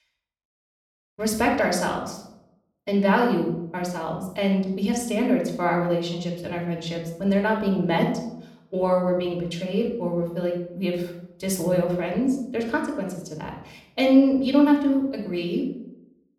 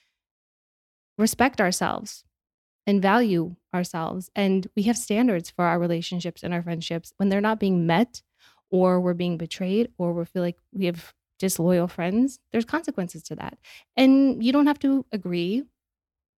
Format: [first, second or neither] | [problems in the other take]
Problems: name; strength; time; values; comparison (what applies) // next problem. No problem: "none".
second | off-mic speech; somewhat distant // room echo; noticeable; dies away in 0.6 s